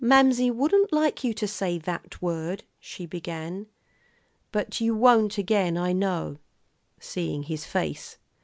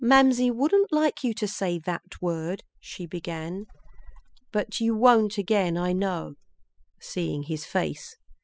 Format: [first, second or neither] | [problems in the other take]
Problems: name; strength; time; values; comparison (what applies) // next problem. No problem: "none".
first | noise reduction (classical method spectral subtraction)